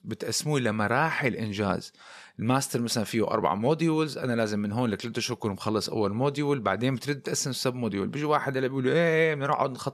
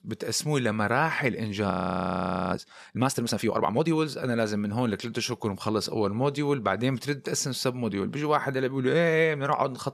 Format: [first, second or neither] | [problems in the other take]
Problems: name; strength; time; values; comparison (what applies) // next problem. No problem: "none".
first | audio freezing; at 1.5 s for 1 s